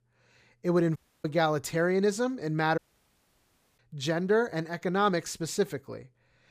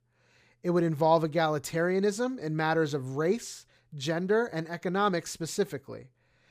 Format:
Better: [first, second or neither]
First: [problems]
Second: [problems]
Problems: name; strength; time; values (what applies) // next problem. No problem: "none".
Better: second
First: audio cutting out; at 1 s and at 3 s for 1 s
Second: none